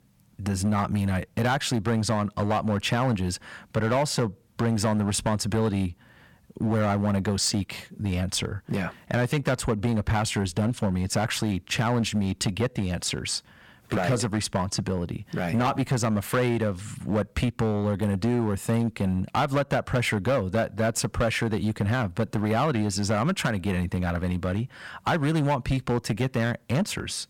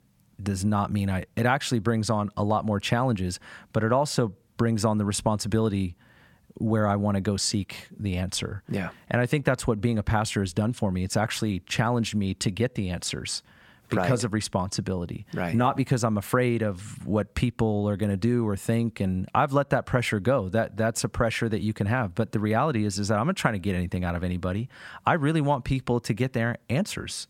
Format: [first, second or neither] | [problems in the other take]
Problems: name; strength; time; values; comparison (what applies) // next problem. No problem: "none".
second | distortion; slight; 9% of the sound clipped